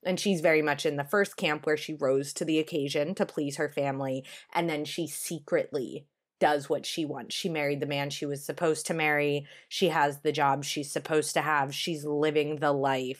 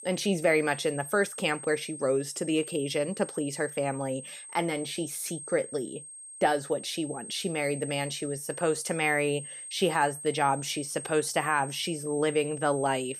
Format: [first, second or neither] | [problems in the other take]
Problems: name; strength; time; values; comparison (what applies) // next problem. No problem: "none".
first | high-pitched whine; noticeable; throughout; 8.5 kHz, 10 dB below the speech